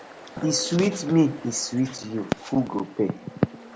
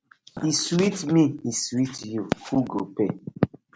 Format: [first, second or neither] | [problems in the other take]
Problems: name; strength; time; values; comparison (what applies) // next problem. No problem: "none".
second | background sound (Ocean); 16 dB below the speech